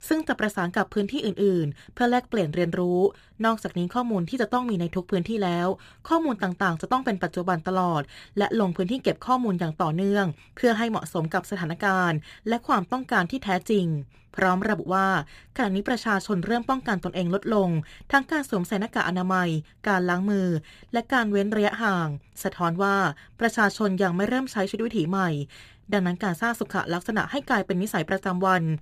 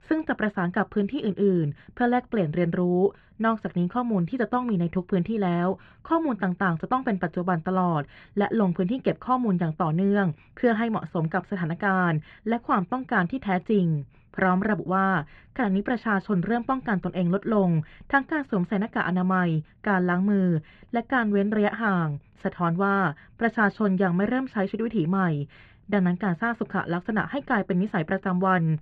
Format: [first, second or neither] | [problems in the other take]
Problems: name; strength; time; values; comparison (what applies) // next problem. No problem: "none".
first | muffled; very; fading above 2.5 kHz